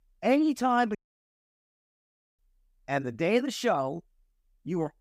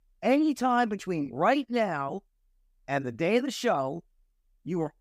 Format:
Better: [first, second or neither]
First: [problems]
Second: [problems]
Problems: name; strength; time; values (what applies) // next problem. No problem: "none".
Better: second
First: audio cutting out; at 1 s for 1.5 s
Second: none